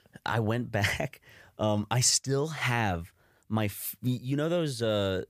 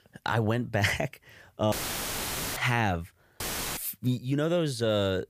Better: first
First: none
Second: audio cutting out; filled with static; at 1.5 s for 1 s and at 3.5 s

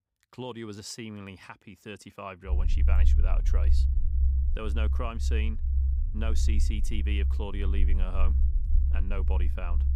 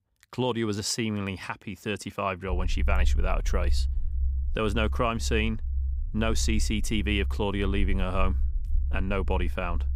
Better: second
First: low rumble; loud; from 2.5 s on; 7 dB below the speech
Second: low rumble; faint; from 2.5 s on; 20 dB below the speech

